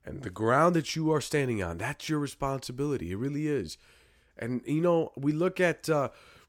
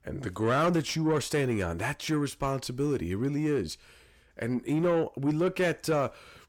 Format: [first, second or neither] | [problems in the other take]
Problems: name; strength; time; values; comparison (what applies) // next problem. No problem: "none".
first | distortion; slight; 10 dB below the speech